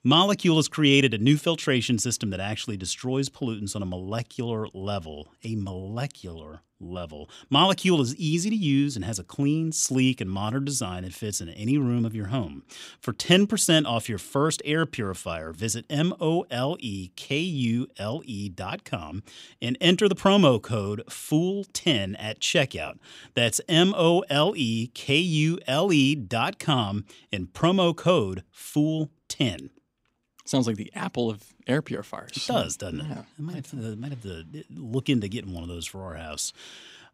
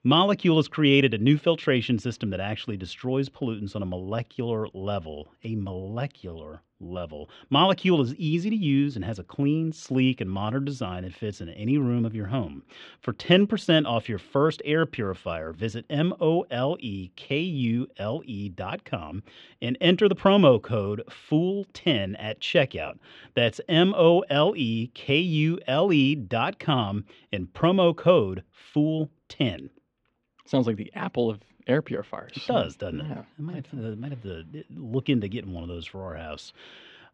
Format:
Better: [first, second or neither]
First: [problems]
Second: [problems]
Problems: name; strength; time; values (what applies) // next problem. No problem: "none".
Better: first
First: none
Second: muffled; very; fading above 3 kHz